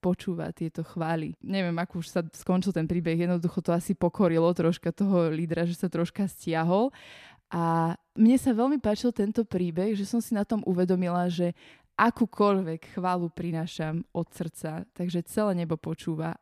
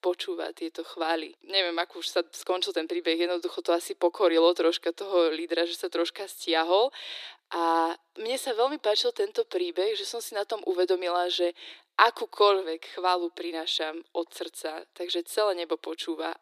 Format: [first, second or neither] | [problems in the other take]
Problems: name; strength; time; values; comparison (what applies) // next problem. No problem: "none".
first | thin; very; fading below 350 Hz